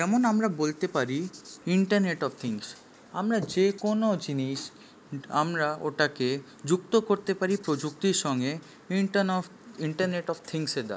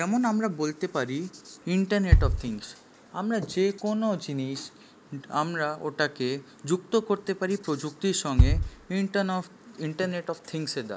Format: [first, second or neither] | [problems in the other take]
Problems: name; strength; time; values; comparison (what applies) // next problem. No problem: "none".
first | background sound (Bass drum); 2 dB above the speech